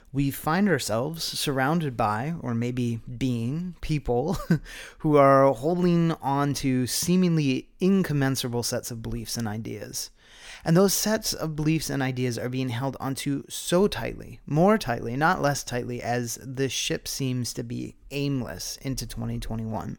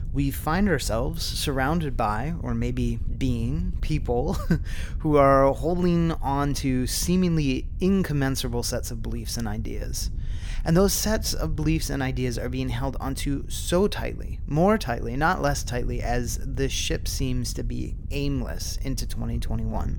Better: first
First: none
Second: wind noise on the microphone; occasional gusts; 25 dB below the speech

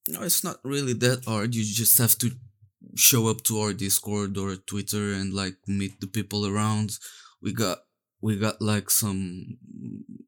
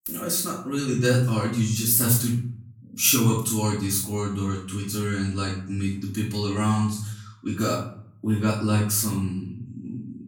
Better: first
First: none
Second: off-mic speech; far // room echo; noticeable; dies away in 0.6 s

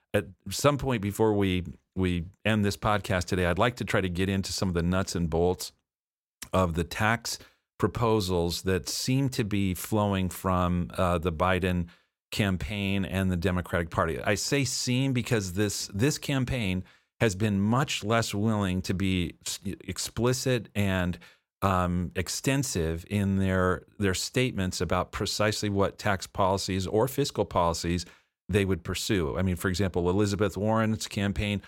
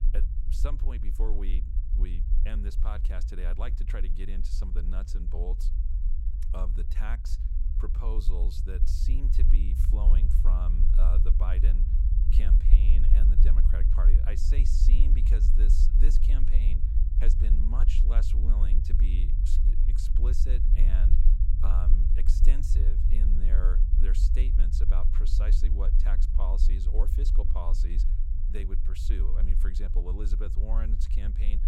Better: first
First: none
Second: low rumble; loud; throughout; 3 dB below the speech

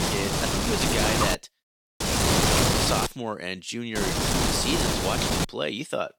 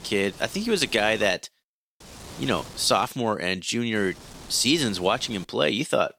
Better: second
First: wind noise on the microphone; heavy; until 1.5 s, from 2 to 3 s and from 4 to 5.5 s; 5 dB above the speech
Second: wind noise on the microphone; occasional gusts; until 1.5 s, from 2 to 3 s and from 4 to 5.5 s; 20 dB below the speech

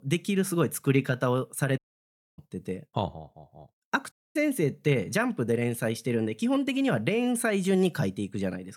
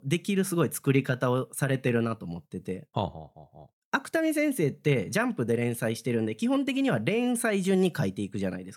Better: second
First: audio cutting out; at 2 s for 0.5 s and at 4 s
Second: none

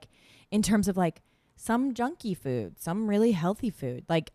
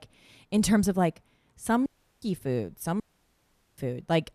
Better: first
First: none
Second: audio cutting out; at 2 s and at 3 s for 1 s

